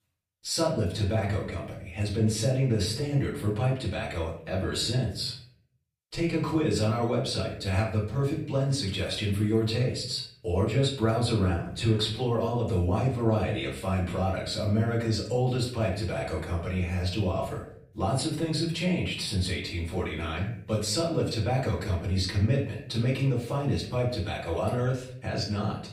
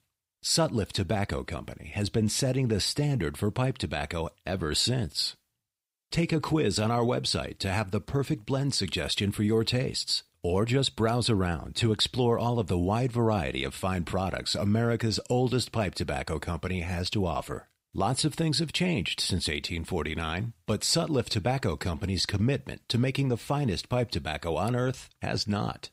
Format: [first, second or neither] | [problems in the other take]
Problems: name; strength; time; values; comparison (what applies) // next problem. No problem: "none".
second | off-mic speech; far // room echo; slight; dies away in 0.5 s